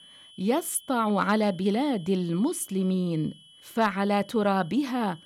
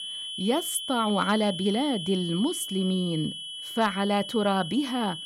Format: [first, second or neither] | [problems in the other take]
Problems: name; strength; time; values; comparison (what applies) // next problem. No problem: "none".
first | high-pitched whine; loud; throughout; 3 kHz, 7 dB below the speech; faint in the first